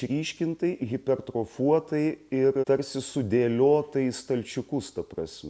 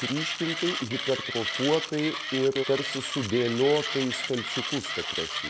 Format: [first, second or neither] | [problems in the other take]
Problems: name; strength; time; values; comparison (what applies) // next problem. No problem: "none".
first | background sound (Mechanisms); 4 dB below the speech